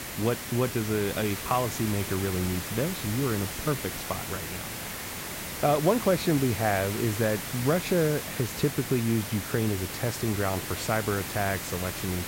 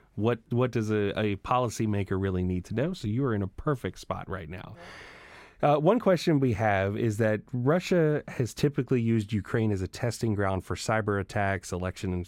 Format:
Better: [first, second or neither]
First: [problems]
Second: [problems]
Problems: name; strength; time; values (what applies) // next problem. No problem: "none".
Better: second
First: hiss; loud; throughout; 5 dB below the speech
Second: none